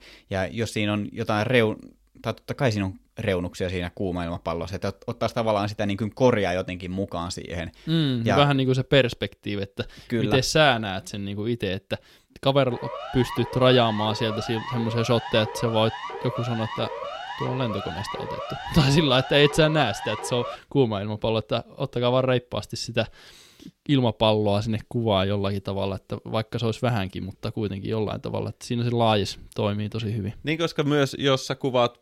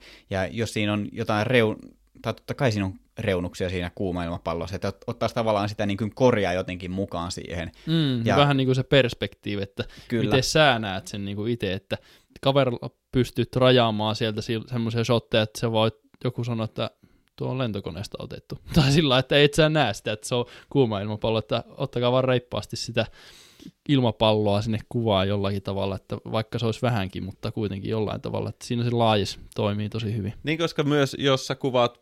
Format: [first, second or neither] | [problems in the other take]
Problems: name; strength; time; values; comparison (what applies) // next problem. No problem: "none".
second | siren; noticeable; from 13 to 21 s; peak 8 dB below the speech